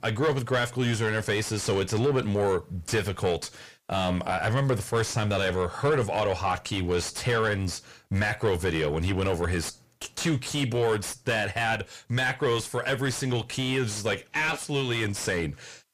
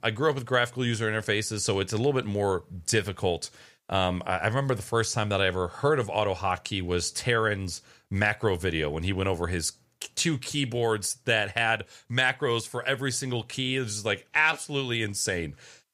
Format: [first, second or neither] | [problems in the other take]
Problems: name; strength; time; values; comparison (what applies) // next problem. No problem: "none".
second | distortion; heavy; 6 dB below the speech